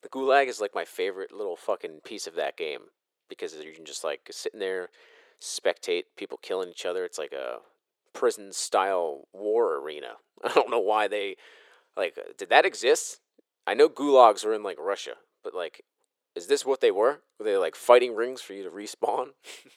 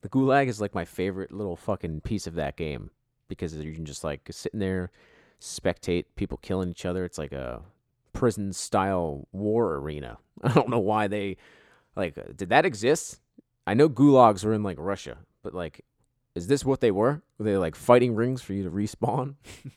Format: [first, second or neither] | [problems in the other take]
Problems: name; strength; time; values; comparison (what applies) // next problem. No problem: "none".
second | thin; very; fading below 400 Hz